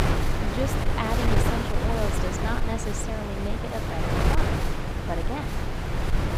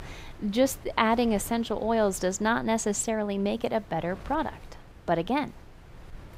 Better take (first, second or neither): second